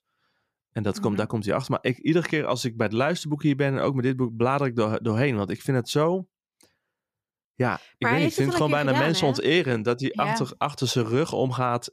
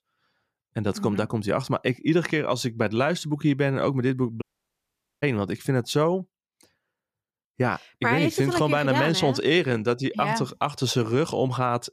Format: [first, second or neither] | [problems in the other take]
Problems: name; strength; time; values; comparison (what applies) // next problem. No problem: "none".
first | audio cutting out; at 4.5 s for 1 s